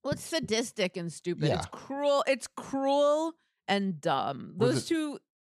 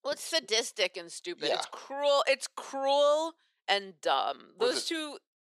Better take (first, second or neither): first